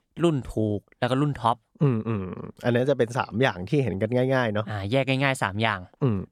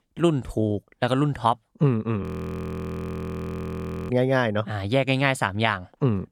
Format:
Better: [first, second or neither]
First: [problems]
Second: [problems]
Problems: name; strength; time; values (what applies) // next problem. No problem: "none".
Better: first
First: none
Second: audio freezing; at 2 s for 2 s